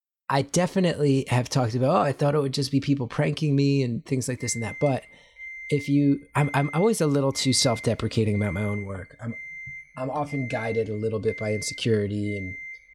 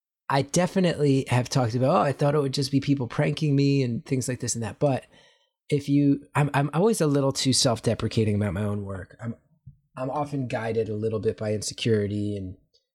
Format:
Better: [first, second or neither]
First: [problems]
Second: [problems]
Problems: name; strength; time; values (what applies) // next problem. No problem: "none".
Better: second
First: alarm; faint; from 4.5 s on; peak 10 dB below the speech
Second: none